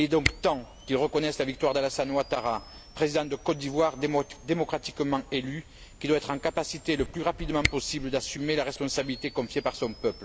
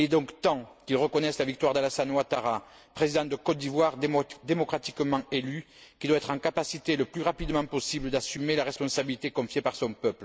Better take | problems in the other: second | background sound (Camera); 12 dB below the speech

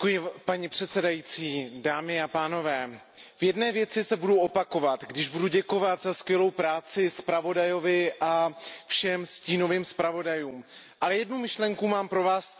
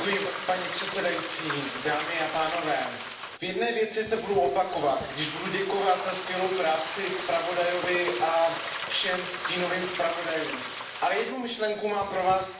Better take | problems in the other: first | background sound (Frying (food)); 8 dB below the speech // room echo; dies away in 0.6 s

